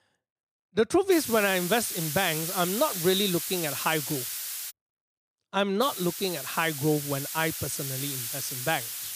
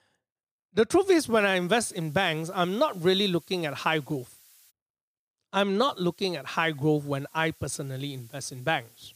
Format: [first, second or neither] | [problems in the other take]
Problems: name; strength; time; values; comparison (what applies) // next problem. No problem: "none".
second | hiss; loud; from 1 to 4.5 s and from 6 s on; 4 dB below the speech; faint in the second